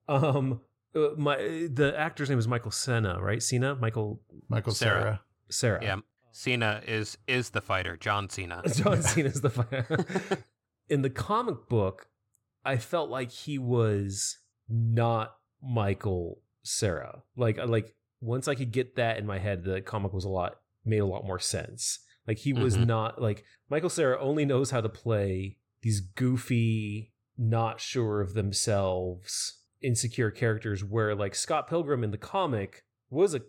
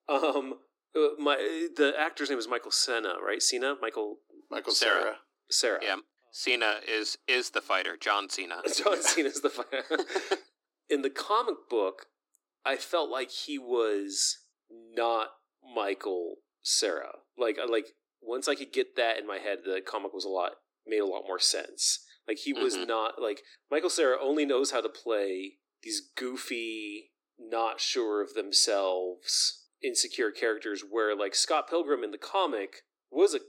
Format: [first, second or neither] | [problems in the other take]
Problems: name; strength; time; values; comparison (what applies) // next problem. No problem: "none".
first | thin; somewhat; fading below 300 Hz